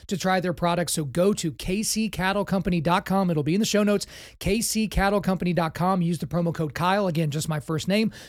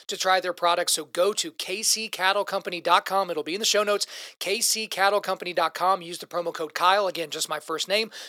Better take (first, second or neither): first